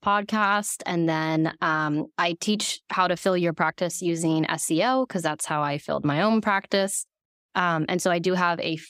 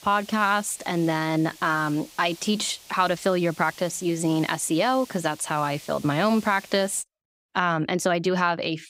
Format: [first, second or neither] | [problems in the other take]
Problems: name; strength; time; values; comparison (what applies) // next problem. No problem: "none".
first | hiss; noticeable; until 7 s; 20 dB below the speech